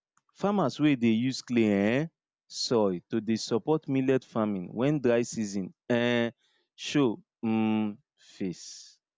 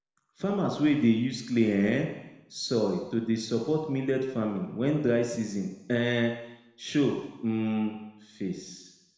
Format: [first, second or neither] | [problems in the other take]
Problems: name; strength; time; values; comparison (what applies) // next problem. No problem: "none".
first | room echo; dies away in 1 s